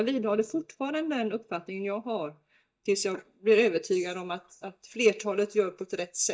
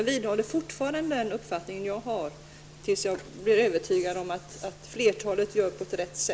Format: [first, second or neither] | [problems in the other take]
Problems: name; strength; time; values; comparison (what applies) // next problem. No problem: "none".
second | noise reduction (neural mask model DeepFilterNet 3)